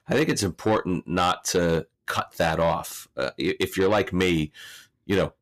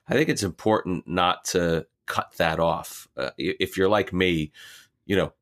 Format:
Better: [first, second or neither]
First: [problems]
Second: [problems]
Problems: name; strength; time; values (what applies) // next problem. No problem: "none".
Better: second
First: distortion; slight; 10 dB below the speech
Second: none